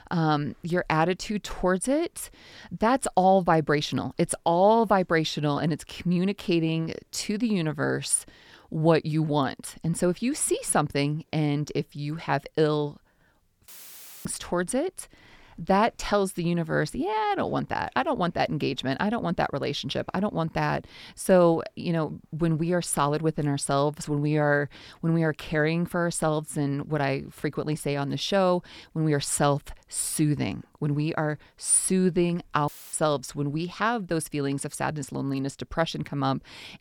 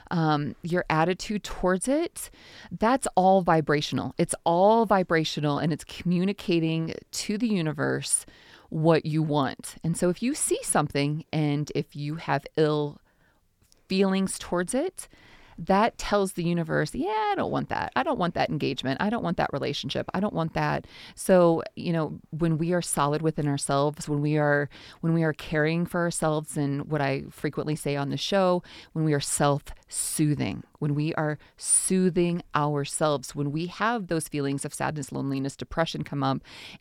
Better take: second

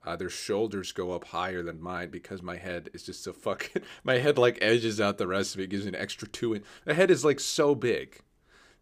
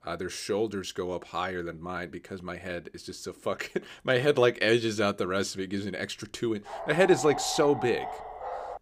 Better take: first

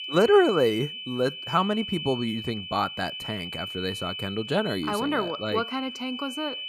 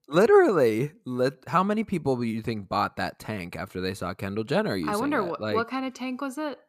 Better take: second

